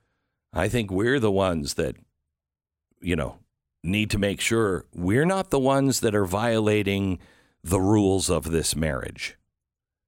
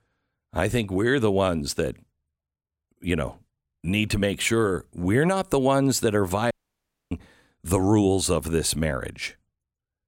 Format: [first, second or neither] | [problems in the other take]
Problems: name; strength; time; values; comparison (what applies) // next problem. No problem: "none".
first | audio cutting out; at 6.5 s for 0.5 s